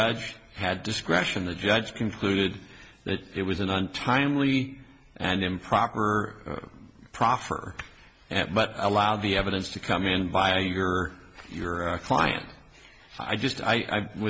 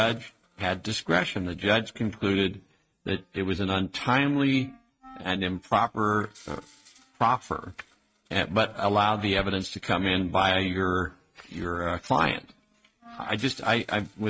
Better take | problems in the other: first | noise reduction (neural mask model RNNoise)

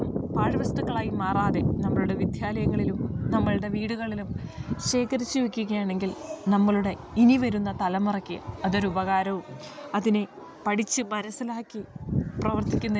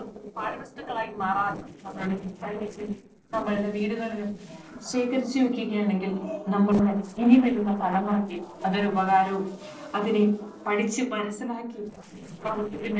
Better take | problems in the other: first | noise reduction (neural separator model SepFormer DNS4)

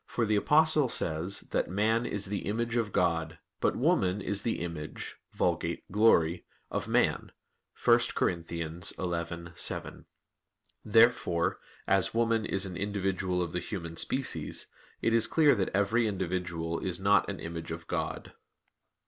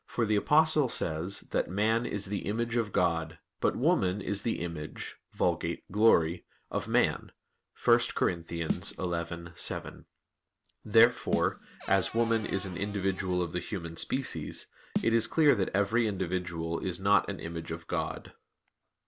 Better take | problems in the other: first | background sound (Snare drum + Cupboard open or close / Door); 11 dB below the speech

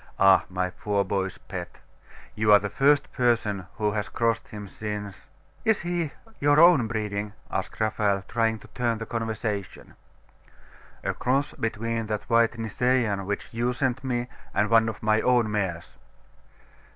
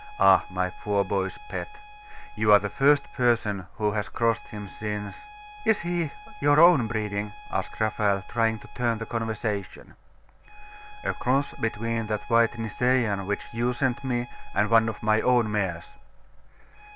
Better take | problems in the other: first | background sound (Bowed string instrument); 20 dB below the speech

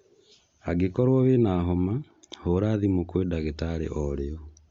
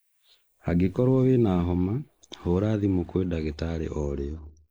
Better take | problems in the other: first | noise reduction (neural mask model Resemble Enhance denoiser)

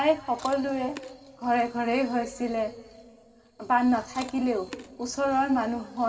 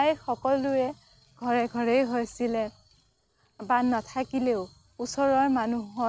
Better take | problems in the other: second | background sound (Chewing, mastication); 19 dB below the speech // room echo; dies away in 2.6 s

